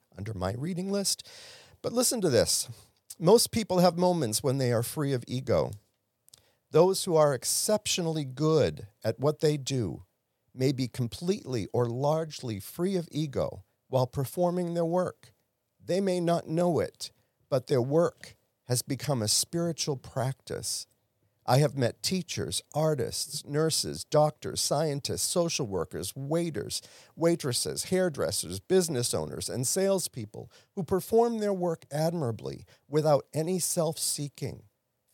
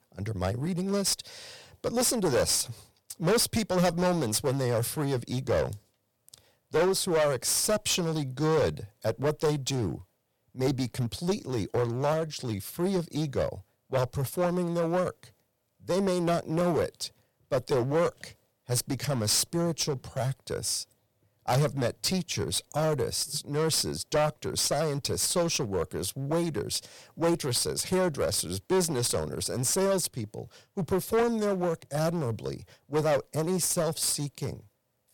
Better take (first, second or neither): first